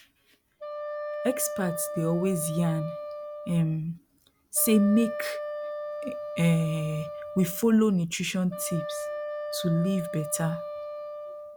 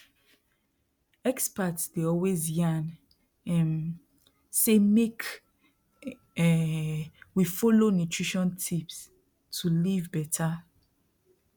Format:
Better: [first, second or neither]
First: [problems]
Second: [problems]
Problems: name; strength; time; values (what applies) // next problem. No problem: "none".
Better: second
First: background sound (Wind instrument, woodwind instrument); 8 dB below the speech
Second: none